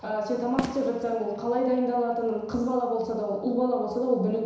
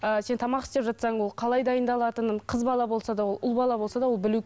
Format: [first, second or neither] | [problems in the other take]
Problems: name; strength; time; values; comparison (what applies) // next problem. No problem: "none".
second | background sound (Fireworks); 16 dB below the speech // room echo; dies away in 1 s